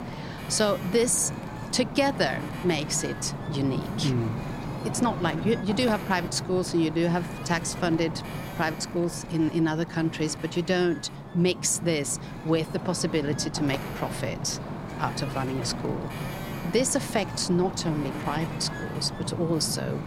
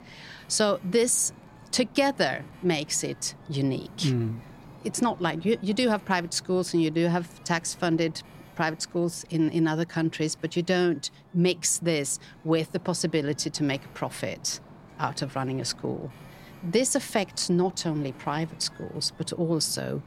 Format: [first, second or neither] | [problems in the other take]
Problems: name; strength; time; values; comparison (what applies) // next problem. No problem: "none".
second | wind noise on the microphone; heavy; 9 dB below the speech; occasional gusts in the second